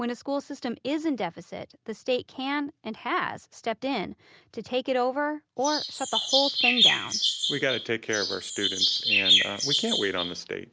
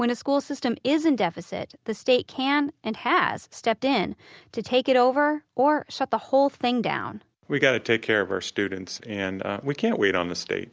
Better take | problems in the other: second | background sound (Chirp, tweet); 4 dB above the speech

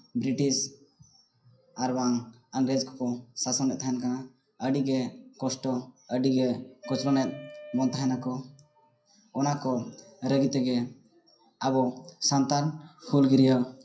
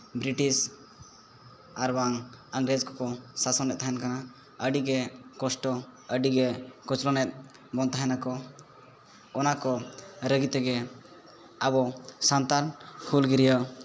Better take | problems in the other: second | noise reduction (classical method WPE with log-MMSE)

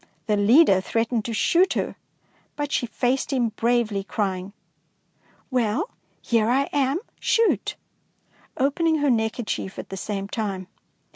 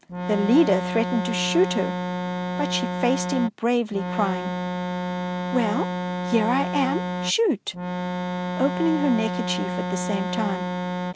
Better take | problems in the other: first | background sound (Organ); 2 dB below the speech

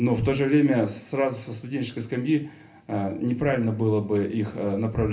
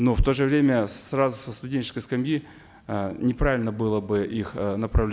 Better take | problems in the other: second | room echo; dies away in 0.3 s

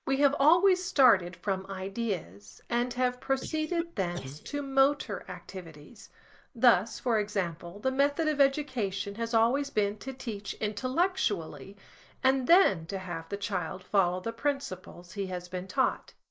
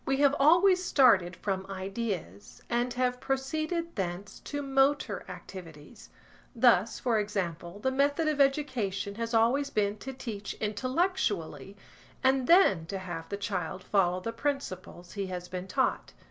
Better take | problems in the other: second | noise reduction (neural mask model Resemble Enhance denoiser)

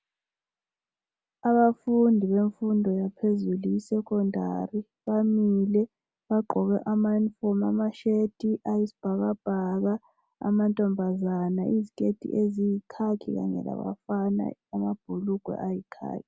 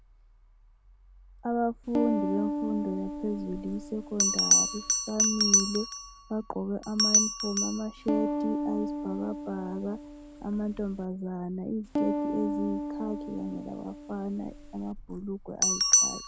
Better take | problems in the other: first | background sound (Bell + Piano); 3 dB above the speech

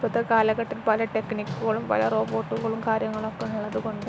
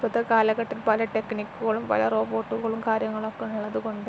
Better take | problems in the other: second | background sound (Run); 13 dB below the speech

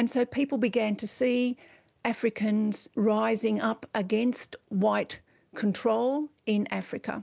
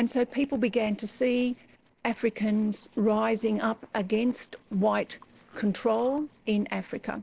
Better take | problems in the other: first | noise reduction (neural separator model SepFormer DNS4)

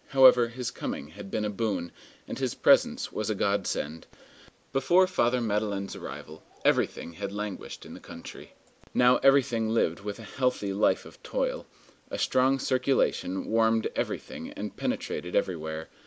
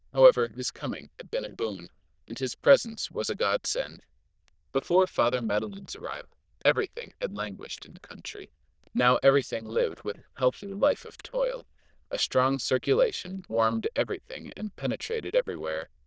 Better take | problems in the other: first | noise reduction (neural diffusion model UNIVERSE++)

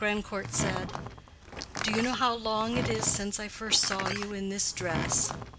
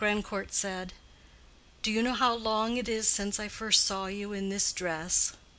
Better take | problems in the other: second | background sound (Door); 5 dB below the speech

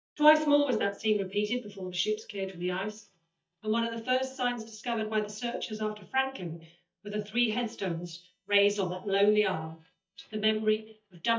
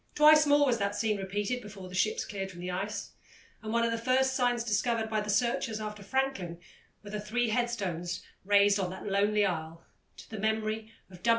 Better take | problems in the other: second | noise reduction (neural mask model DeepFilterNet 3)

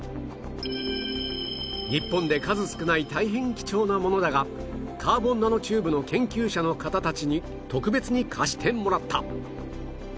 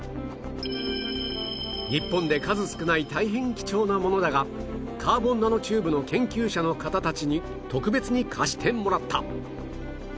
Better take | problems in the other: first | background sound (Wind instrument, woodwind instrument); 16 dB below the speech

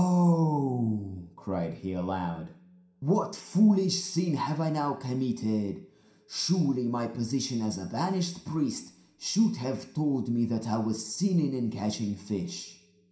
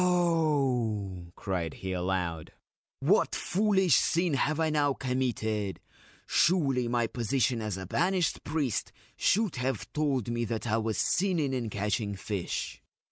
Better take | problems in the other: second | room echo; dies away in 0.5 s

